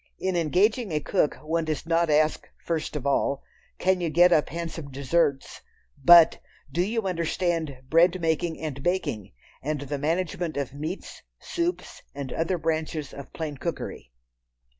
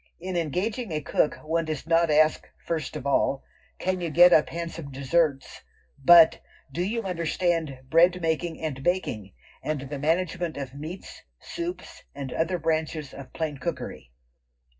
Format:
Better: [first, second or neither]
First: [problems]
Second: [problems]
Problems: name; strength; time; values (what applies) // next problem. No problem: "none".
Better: first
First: none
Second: noise reduction (neural separator model SepFormer DNS4)